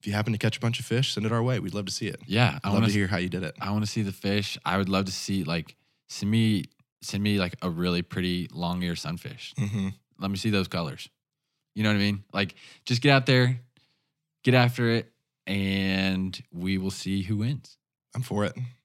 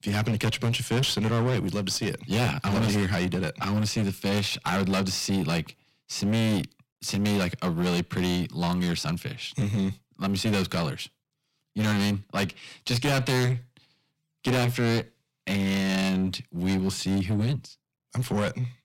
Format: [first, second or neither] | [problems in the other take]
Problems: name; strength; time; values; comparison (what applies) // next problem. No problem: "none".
first | distortion; heavy; 21% of the sound clipped